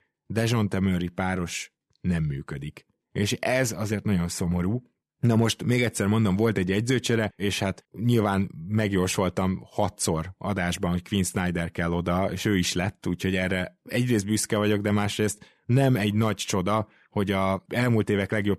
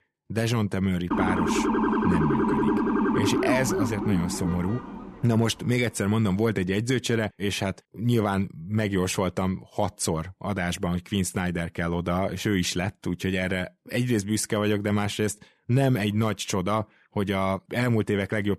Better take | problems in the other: first | siren; loud; from 1 to 5 s; peak 3 dB above the speech

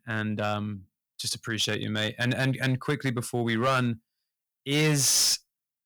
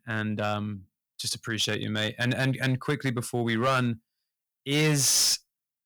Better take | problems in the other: neither | distortion; slight; 5% of the sound clipped; the same in both

